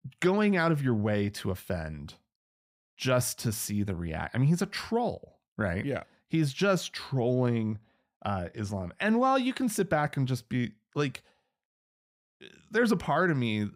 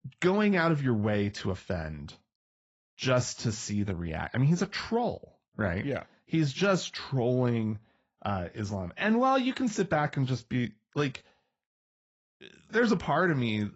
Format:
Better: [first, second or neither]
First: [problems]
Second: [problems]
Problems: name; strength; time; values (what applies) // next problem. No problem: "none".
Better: first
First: none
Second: garbled, watery; badly; nothing above 7.5 kHz